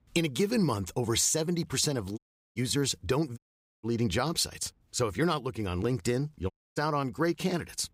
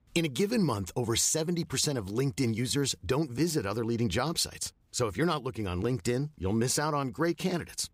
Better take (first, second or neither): second